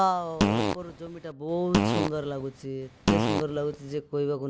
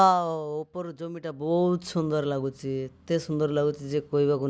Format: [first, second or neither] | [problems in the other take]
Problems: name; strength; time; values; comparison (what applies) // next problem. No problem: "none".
second | background sound (Fart); 2 dB above the speech